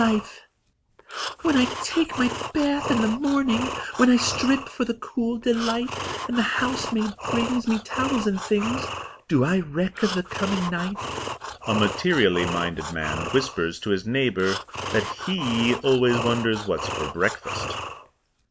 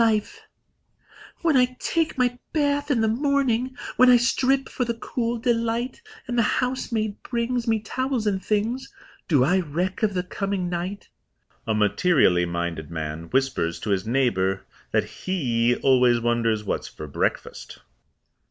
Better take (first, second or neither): second